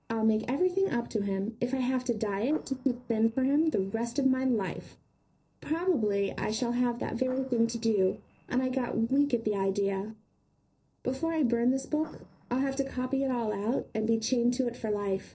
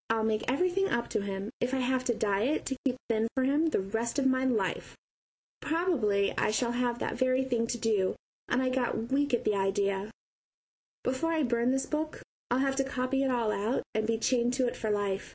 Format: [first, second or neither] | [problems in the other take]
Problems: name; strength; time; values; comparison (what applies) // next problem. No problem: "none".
second | noise reduction (neural separator model SepFormer DNS4)